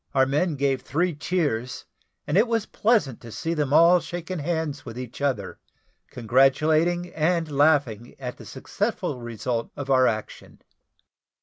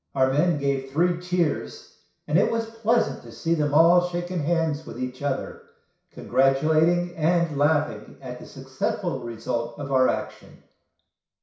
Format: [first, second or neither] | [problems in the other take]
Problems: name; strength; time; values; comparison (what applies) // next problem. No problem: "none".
first | room echo; dies away in 0.6 s